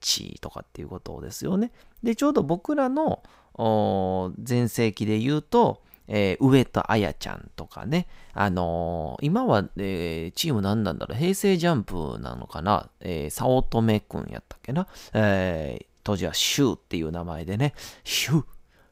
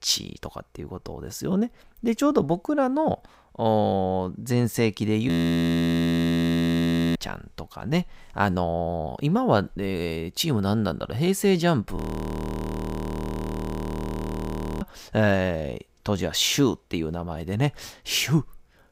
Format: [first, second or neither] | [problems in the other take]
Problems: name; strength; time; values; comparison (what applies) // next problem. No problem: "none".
first | audio freezing; at 5.5 s for 2 s and at 12 s for 3 s